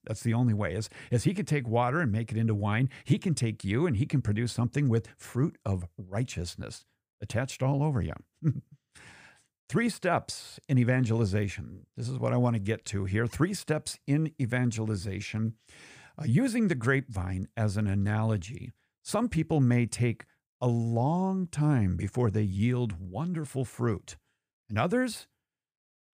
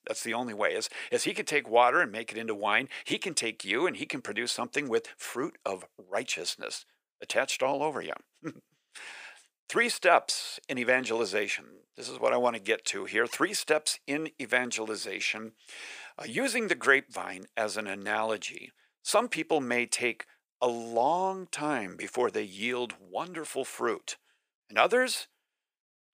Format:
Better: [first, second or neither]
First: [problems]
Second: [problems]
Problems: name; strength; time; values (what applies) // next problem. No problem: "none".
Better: first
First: none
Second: thin; very; fading below 450 Hz